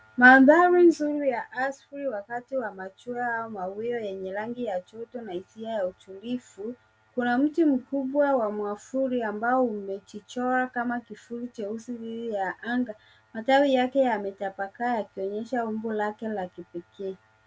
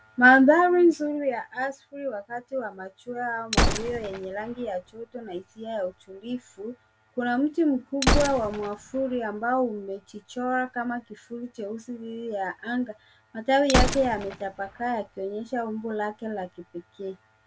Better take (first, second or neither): first